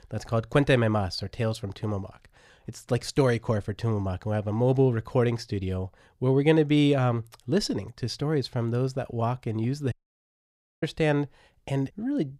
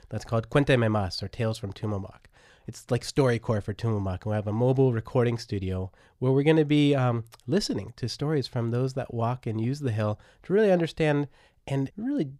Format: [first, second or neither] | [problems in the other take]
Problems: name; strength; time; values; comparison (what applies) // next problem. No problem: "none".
second | audio cutting out; at 10 s for 1 s